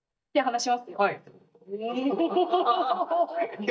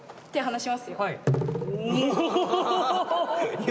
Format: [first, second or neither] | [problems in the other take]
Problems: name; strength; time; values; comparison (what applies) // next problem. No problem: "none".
second | noise reduction (neural mask model DeepFilterNet 3)